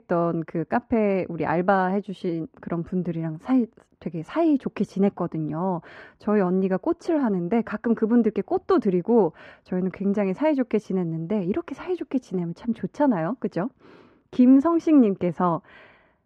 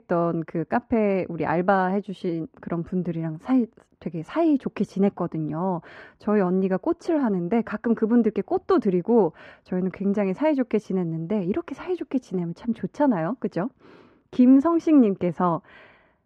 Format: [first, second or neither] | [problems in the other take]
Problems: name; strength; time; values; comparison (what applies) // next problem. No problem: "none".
neither | muffled; very; fading above 3.5 kHz; the same in both